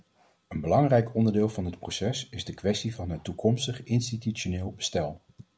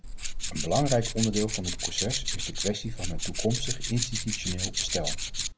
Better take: first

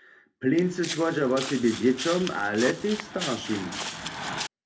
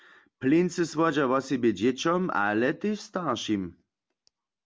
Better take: second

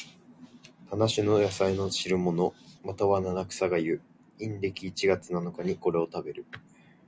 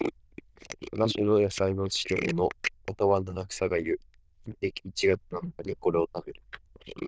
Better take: first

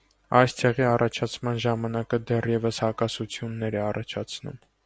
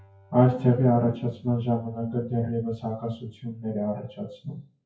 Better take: first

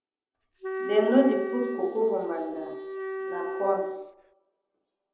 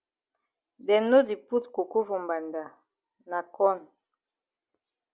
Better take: second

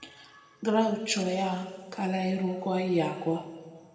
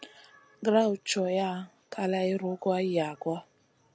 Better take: second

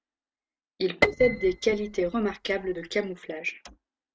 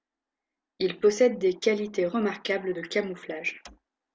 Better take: second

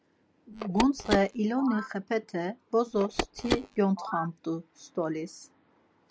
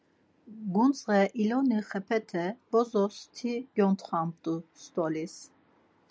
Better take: second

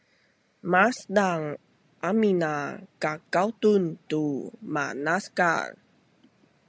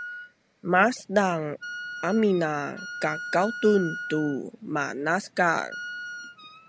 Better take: first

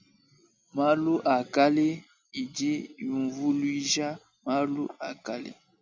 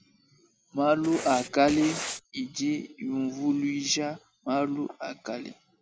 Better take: first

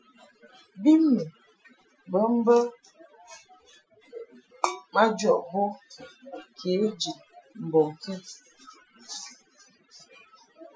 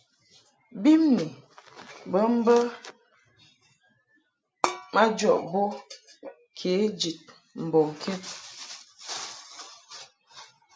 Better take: second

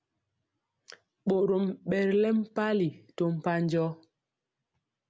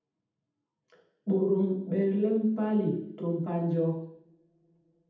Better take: first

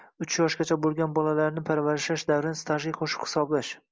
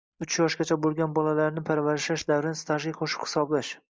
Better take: first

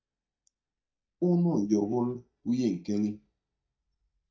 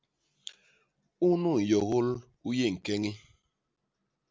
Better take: second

